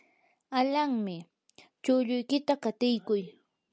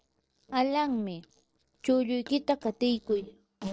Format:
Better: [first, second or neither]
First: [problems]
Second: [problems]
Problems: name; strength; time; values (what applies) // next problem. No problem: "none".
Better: first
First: none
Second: noise reduction (neural separator model SepFormer DNS4)